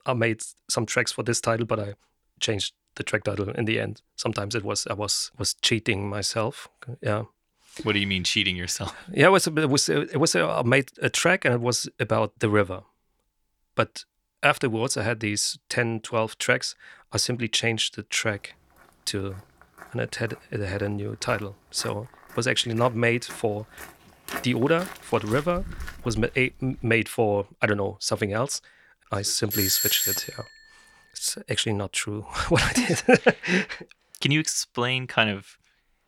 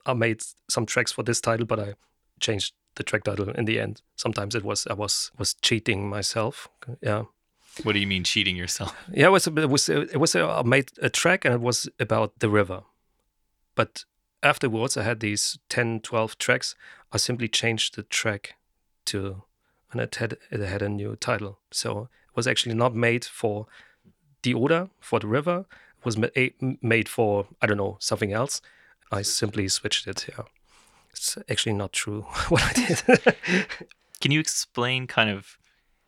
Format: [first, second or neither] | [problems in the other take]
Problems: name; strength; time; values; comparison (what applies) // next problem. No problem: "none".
second | footsteps; noticeable; from 20 to 27 s; peak 9 dB below the speech // doorbell; loud; at 30 s; peak 3 dB above the speech